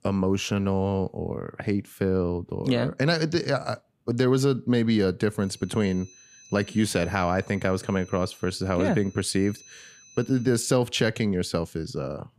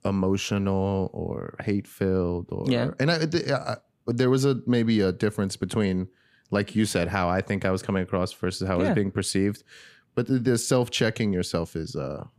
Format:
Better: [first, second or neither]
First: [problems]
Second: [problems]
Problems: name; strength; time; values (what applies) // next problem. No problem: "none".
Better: second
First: high-pitched whine; faint; from 5.5 to 11 s; 6 kHz, 25 dB below the speech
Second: none